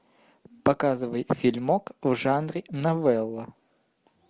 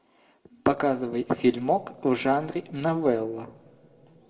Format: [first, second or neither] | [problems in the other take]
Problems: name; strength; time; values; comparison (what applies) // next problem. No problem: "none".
first | room echo; dies away in 0.9 s